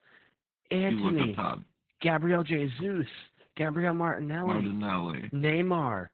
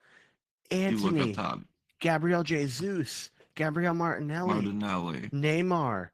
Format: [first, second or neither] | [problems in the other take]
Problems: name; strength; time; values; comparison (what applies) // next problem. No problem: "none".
second | garbled, watery; badly; nothing above 4 kHz; slightly in the second